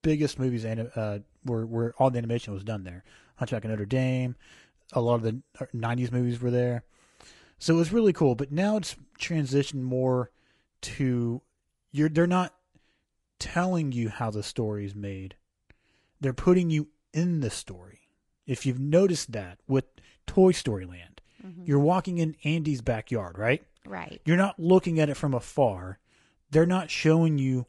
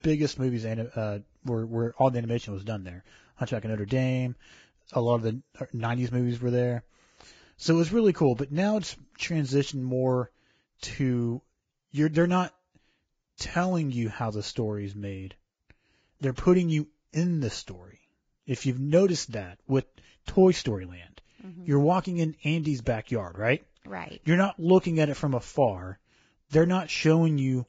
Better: first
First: garbled, watery; slightly; nothing above 11 kHz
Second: garbled, watery; badly; nothing above 7.5 kHz

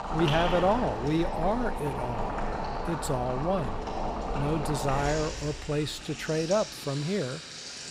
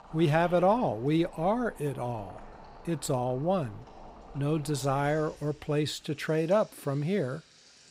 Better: second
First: household noises; loud; throughout; 5 dB below the speech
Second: household noises; faint; throughout; 20 dB below the speech

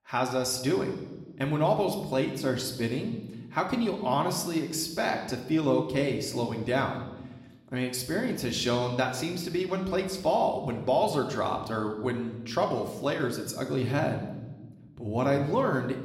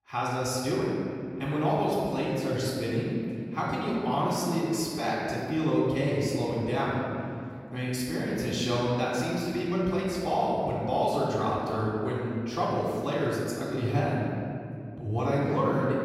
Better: first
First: room echo; slight; dies away in 1 s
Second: room echo; strong; dies away in 2.5 s // off-mic speech; far

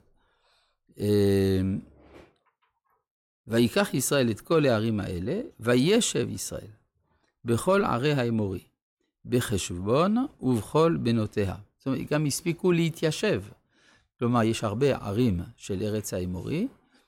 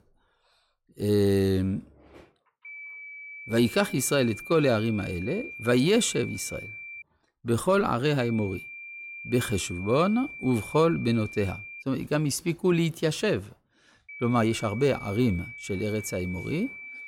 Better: first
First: none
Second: high-pitched whine; noticeable; from 2.5 to 7 s, from 8 to 12 s and from 14 s on; 2.5 kHz, 15 dB below the speech

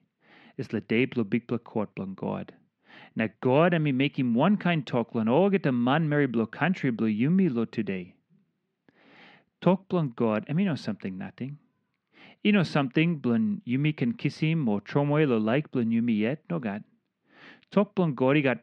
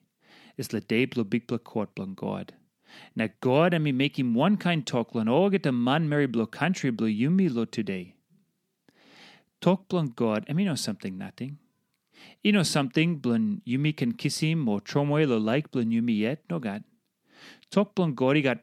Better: second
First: muffled; slightly; fading above 2.5 kHz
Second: none

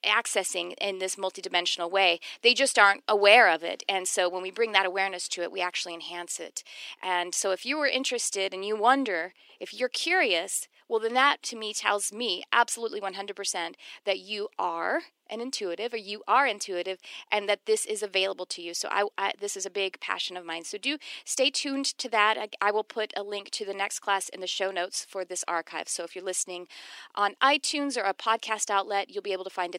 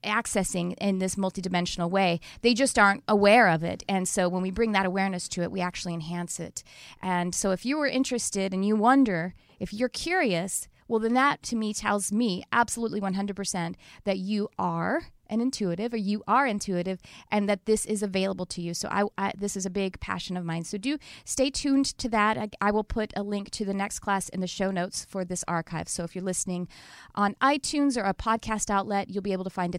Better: second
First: thin; somewhat; fading below 350 Hz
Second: none

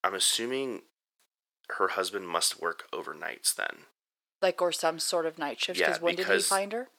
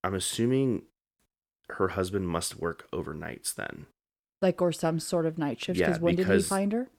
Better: second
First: thin; very; fading below 650 Hz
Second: none

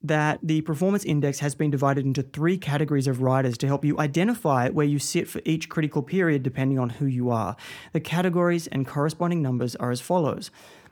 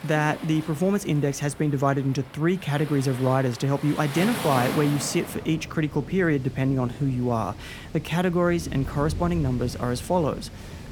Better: first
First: none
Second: rain or running water; noticeable; throughout; 10 dB below the speech

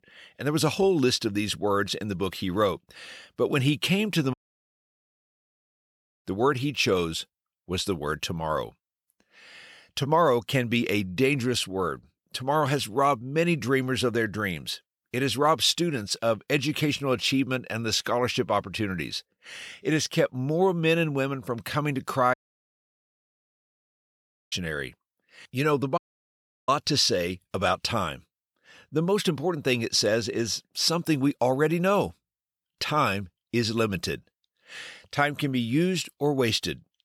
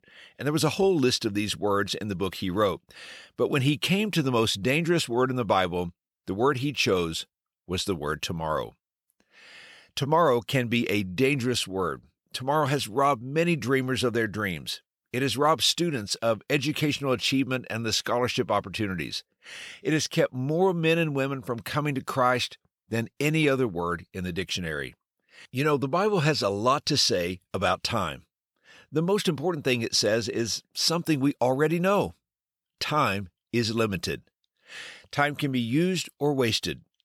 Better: second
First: audio cutting out; at 4.5 s for 2 s, at 22 s for 2 s and at 26 s for 0.5 s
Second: none

